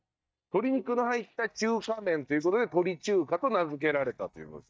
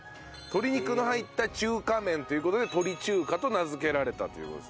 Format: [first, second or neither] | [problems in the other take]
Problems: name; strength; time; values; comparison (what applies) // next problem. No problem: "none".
second | noise reduction (neural mask model DeepFilterNet 3)